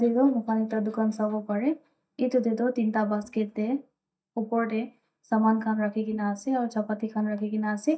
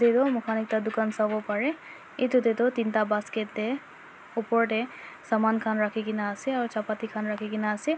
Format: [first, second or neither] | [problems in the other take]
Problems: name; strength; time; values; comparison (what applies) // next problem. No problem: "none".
second | noise reduction (neural mask model DeepFilterNet 3)